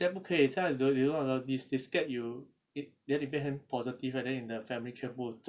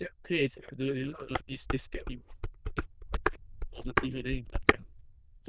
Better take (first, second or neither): first